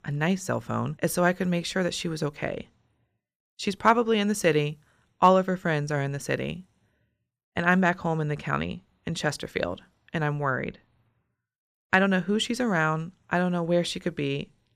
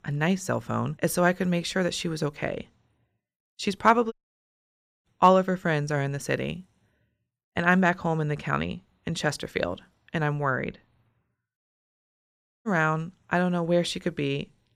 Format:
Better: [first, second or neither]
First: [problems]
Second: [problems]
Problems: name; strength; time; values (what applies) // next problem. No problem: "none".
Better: first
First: none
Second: audio cutting out; at 4 s for 1 s and at 12 s for 1 s